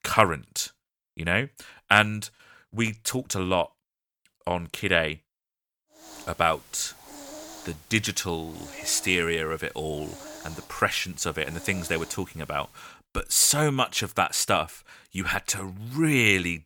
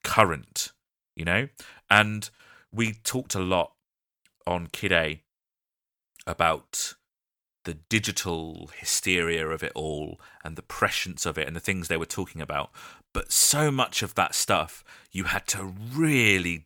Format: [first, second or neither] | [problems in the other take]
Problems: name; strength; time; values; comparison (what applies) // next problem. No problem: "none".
second | hiss; noticeable; from 6 to 13 s; 20 dB below the speech